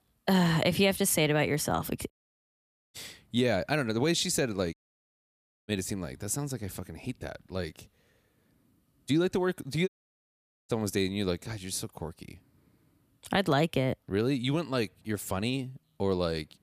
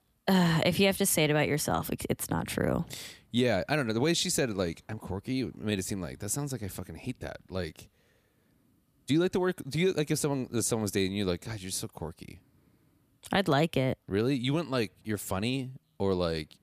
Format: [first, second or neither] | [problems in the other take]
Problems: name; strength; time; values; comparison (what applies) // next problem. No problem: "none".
second | audio cutting out; at 2 s for 1 s, at 4.5 s for 1 s and at 10 s for 1 s